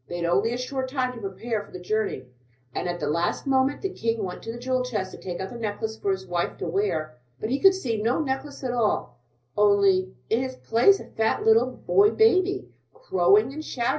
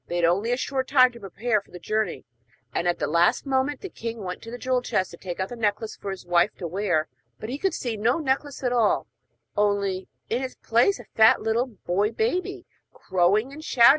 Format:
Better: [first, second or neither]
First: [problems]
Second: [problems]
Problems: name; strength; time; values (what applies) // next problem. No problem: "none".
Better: second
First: room echo; dies away in 0.5 s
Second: none